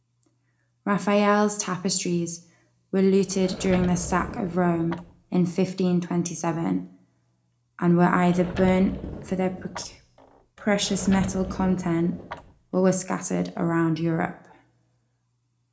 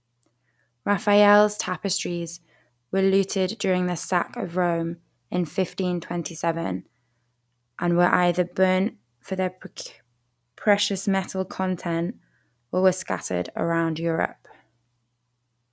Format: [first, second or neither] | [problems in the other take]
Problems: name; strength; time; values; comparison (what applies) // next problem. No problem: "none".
second | background sound (Sliding door / Wood); 12 dB below the speech // room echo; dies away in 0.3 s